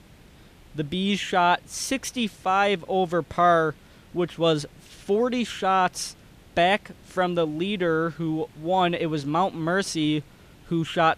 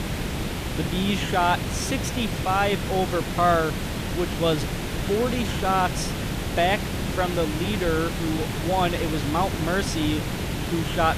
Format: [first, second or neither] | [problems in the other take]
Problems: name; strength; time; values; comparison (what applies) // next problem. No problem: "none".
first | hiss; loud; throughout; 3 dB below the speech; faint in the first